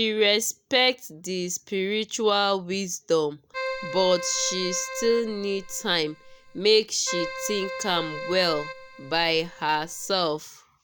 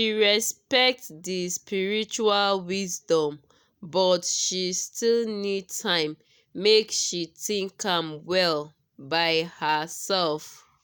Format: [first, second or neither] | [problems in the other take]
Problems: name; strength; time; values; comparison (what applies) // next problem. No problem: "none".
second | background sound (Keyboard (musical)); 10 dB below the speech